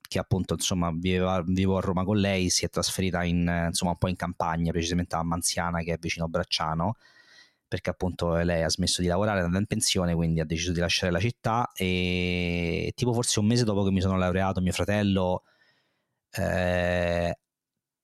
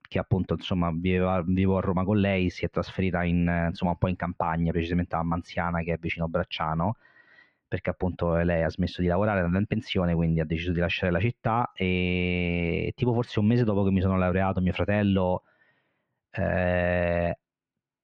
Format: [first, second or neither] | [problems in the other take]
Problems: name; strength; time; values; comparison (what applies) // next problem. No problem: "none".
first | muffled; very; fading above 2.5 kHz